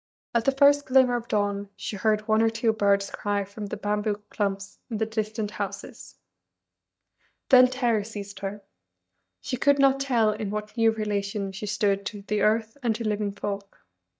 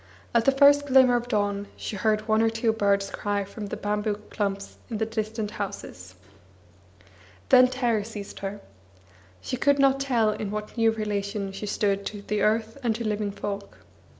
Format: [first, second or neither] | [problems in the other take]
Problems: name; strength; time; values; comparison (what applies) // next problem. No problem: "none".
second | noise reduction (neural mask model DeepFilterNet 3)